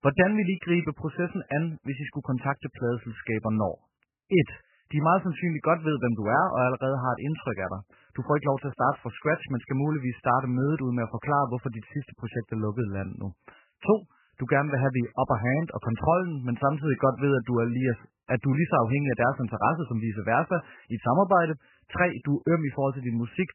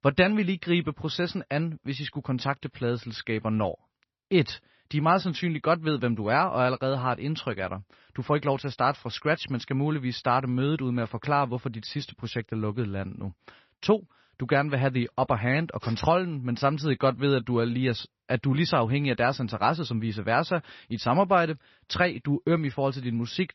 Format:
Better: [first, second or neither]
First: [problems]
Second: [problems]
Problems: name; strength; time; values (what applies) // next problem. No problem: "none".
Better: second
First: garbled, watery; badly; nothing above 3 kHz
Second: garbled, watery; slightly; nothing above 5.5 kHz